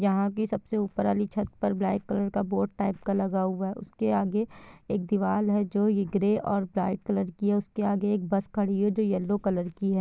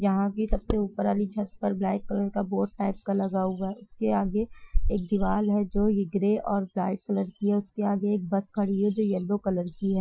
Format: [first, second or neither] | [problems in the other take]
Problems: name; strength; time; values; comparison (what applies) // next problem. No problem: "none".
first | noise reduction (classical method Wiener filter)